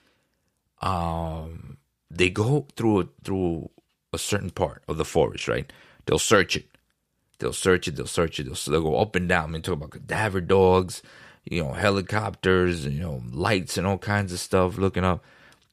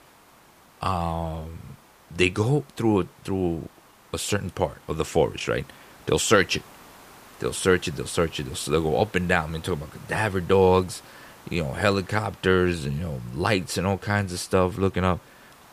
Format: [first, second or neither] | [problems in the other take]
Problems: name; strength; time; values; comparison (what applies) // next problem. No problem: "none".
first | hiss; faint; throughout; 25 dB below the speech